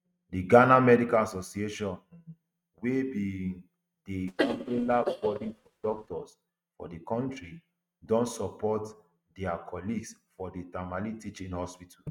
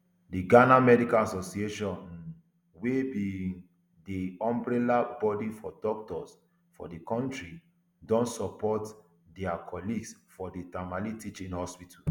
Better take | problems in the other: second | noise reduction (neural mask model RNNoise)

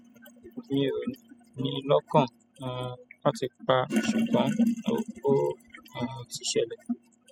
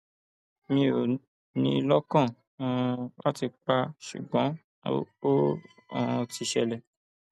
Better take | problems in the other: second | noise reduction (classical method spectral subtraction)

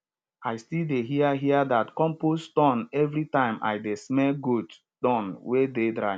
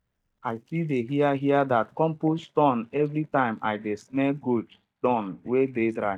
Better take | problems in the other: first | noise reduction (neural mask model DeepFilterNet 3)

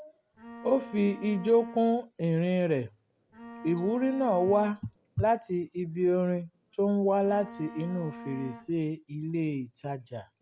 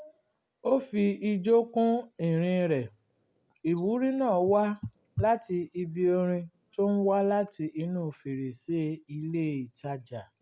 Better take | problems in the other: second | background sound (Bowed string instrument); 15 dB below the speech

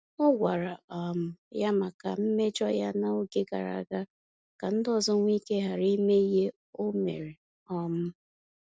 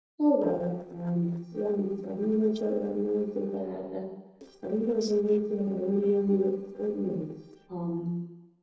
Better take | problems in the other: first | noise reduction (neural separator model SepFormer DNS4)

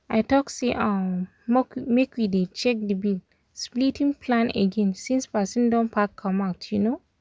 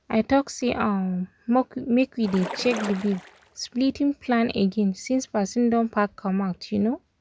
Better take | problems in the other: first | background sound (Splash, splatter); 12 dB below the speech

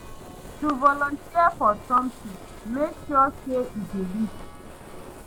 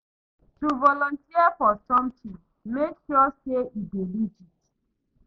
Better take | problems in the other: second | background sound (Fire + Church bell); 15 dB below the speech

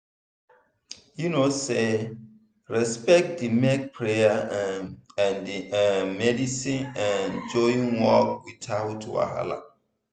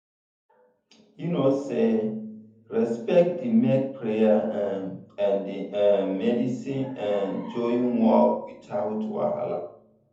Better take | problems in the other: first | room echo; dies away in 0.6 s

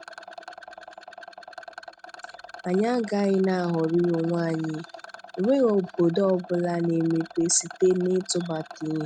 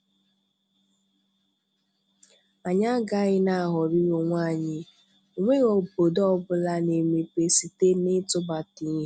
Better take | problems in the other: second | noise reduction (neural mask model RNNoise)

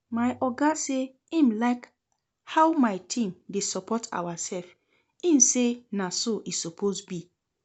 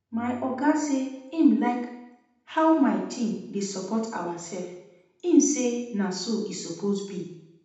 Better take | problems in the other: first | room echo; dies away in 0.8 s

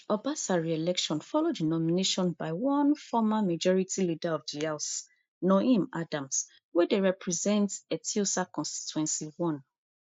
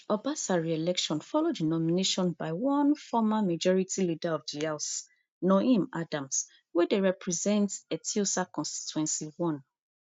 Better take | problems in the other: second | noise reduction (neural mask model Resemble Enhance denoiser)

